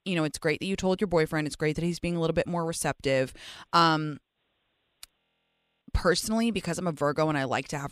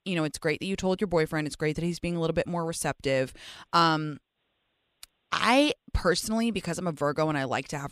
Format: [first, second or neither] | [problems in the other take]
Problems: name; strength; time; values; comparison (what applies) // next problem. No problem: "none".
second | audio freezing; at 5 s for 0.5 s